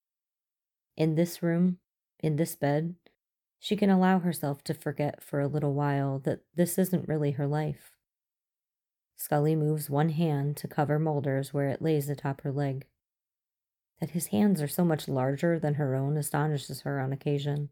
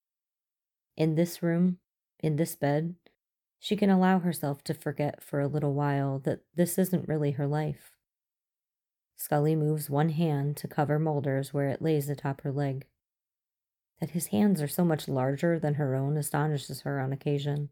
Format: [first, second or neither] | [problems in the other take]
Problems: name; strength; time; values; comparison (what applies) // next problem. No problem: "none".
neither | none